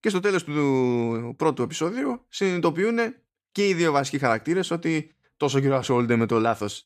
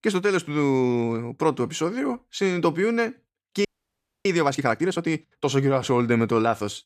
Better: first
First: none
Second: audio freezing; at 3.5 s for 0.5 s

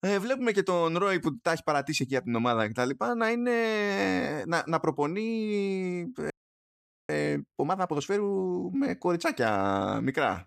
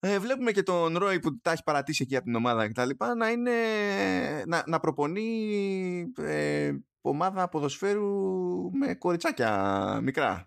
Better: second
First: audio freezing; at 6.5 s for 1 s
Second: none

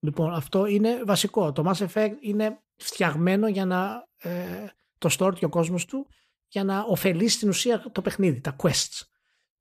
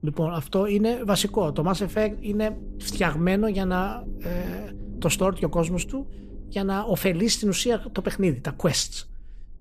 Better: first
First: none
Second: low rumble; faint; throughout; 20 dB below the speech

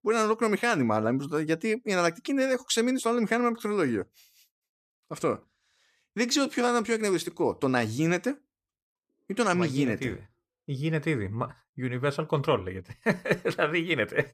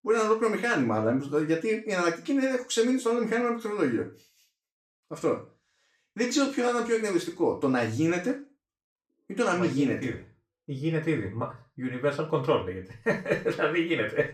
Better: first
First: none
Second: room echo; slight; dies away in 0.3 s // off-mic speech; somewhat distant

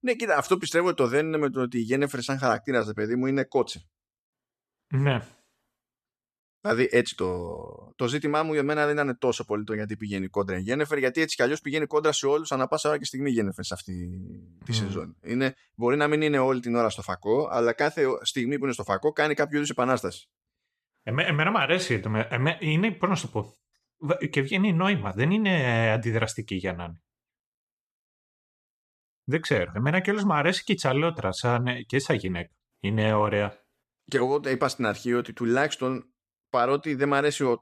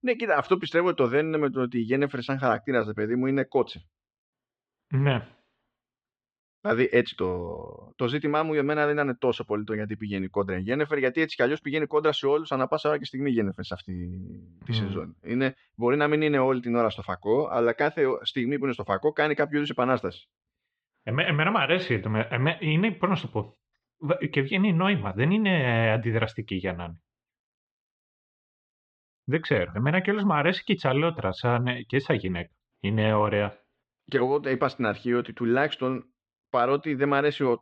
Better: first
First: none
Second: muffled; slightly; fading above 3.5 kHz

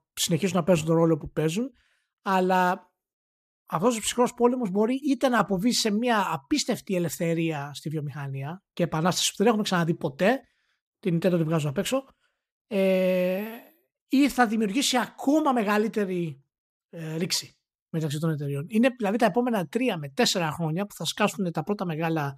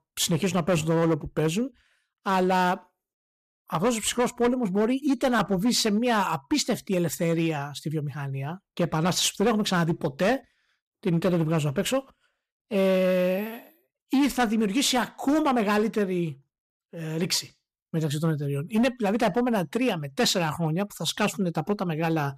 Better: first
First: none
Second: distortion; slight; 7% of the sound clipped

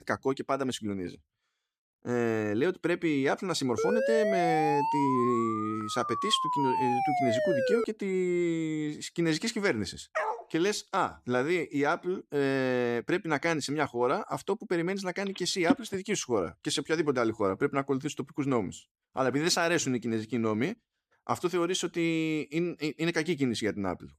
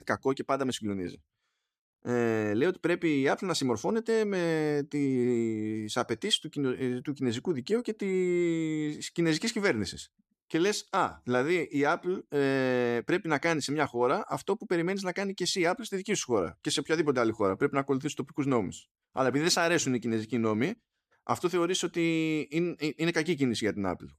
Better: second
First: siren; loud; from 4 to 8 s; peak 2 dB above the speech // dog barking; noticeable; at 10 s; peak 3 dB below the speech // phone ringing; noticeable; at 16 s; peak 1 dB below the speech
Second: none

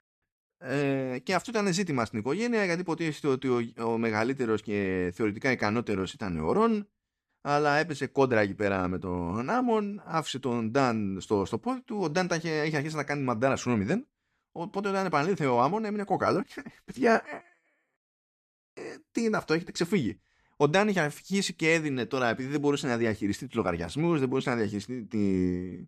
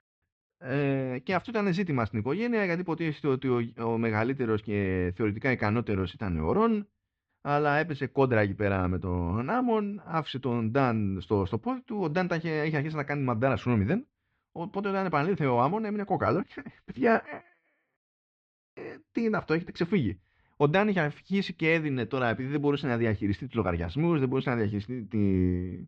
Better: first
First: none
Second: muffled; slightly; fading above 3.5 kHz

